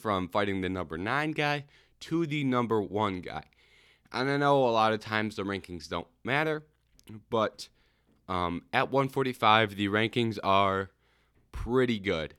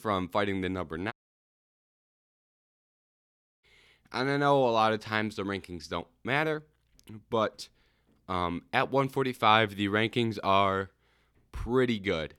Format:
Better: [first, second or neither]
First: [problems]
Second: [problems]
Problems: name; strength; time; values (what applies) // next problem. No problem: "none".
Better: first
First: none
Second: audio cutting out; at 1 s for 2.5 s